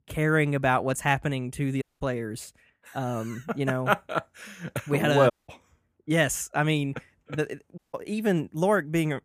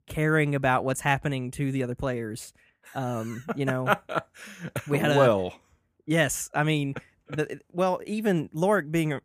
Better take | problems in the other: second | audio cutting out; at 2 s, at 5.5 s and at 8 s

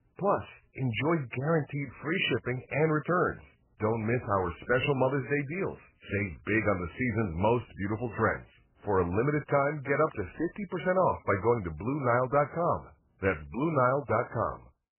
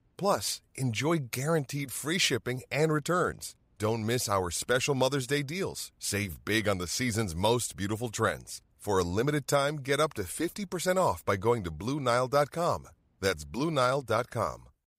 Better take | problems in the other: second | garbled, watery; badly; nothing above 3 kHz

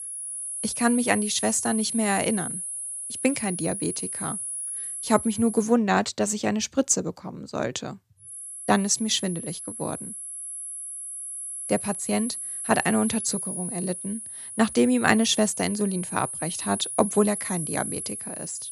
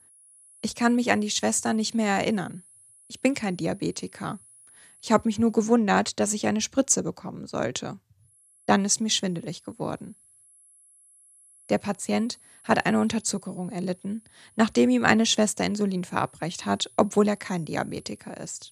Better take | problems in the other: second | high-pitched whine; loud; until 5.5 s and from 8.5 s on; 10.5 kHz, 6 dB below the speech; faint in the second

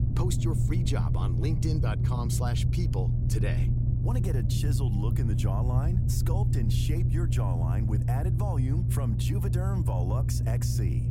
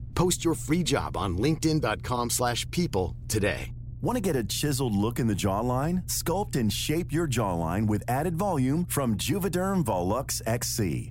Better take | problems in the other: second | low rumble; loud; throughout; 1 dB below the speech; faint in the second

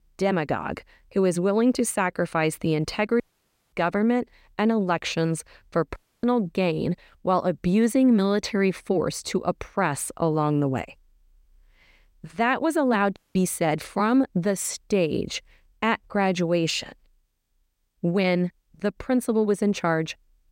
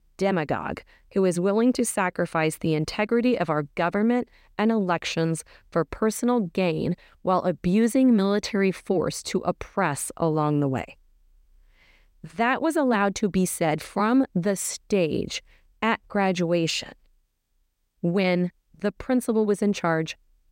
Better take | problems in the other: second | audio cutting out; at 3 s for 0.5 s, at 6 s and at 13 s

